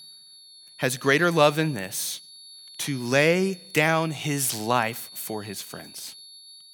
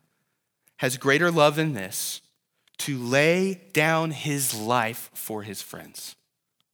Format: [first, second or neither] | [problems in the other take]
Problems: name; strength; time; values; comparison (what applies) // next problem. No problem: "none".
second | high-pitched whine; noticeable; throughout; 4.5 kHz, 20 dB below the speech